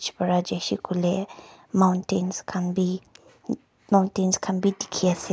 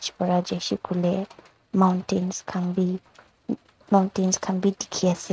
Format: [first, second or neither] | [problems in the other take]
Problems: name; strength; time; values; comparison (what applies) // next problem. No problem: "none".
first | noise reduction (neural mask model RNNoise)